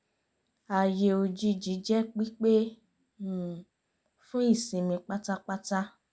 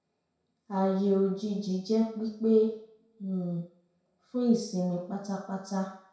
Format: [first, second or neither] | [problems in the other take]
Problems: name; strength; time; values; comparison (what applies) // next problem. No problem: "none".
first | room echo; dies away in 0.5 s